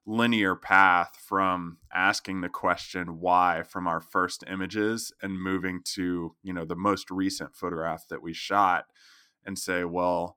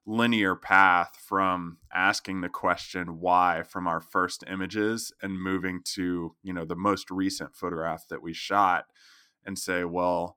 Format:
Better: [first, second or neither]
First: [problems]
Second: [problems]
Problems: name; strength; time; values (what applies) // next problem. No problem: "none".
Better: neither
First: none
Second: none